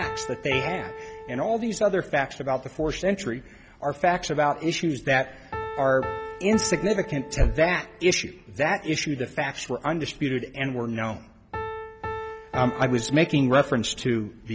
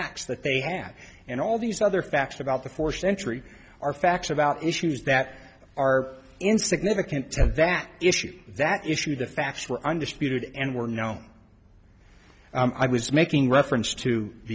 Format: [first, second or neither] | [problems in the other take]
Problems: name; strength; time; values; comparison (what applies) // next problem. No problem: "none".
second | background sound (Piano); 13 dB below the speech